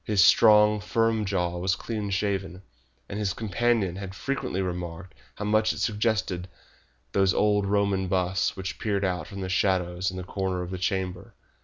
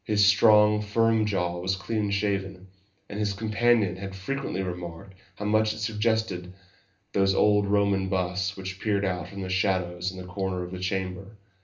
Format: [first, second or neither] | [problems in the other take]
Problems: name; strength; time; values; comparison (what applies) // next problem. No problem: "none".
first | room echo; dies away in 0.3 s